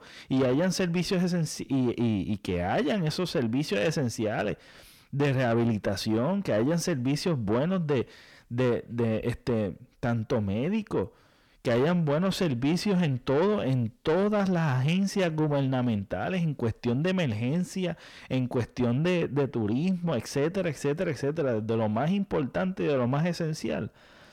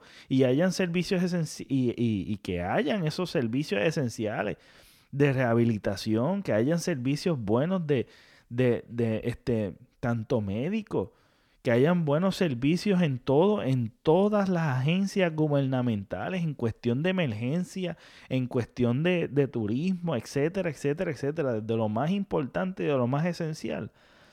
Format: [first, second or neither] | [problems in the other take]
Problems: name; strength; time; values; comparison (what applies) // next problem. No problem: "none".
second | distortion; slight; 10 dB below the speech